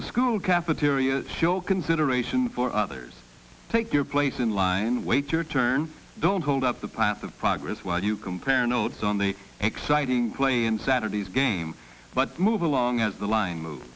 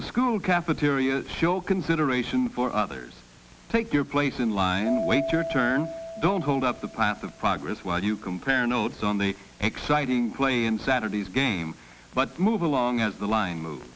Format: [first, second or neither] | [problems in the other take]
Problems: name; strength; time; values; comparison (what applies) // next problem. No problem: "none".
first | background sound (Keyboard (musical)); 14 dB below the speech